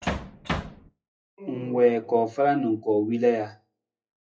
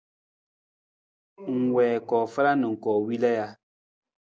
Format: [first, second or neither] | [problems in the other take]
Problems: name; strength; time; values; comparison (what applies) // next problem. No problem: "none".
second | noise reduction (classical method WPE with log-MMSE)